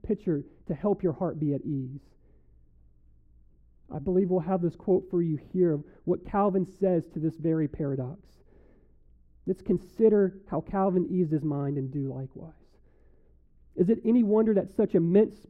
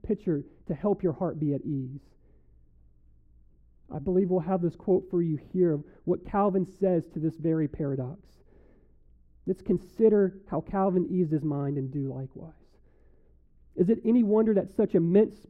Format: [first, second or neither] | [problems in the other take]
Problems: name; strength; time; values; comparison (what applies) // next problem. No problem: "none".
neither | muffled; very; fading above 1.5 kHz; the same in both